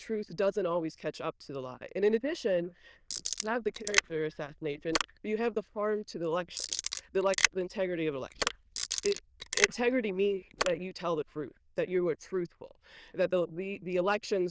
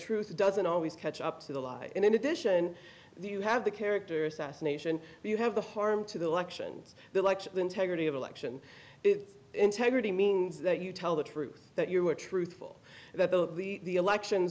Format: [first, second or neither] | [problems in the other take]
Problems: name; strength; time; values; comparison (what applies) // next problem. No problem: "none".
second | noise reduction (neural diffusion model UNIVERSE++)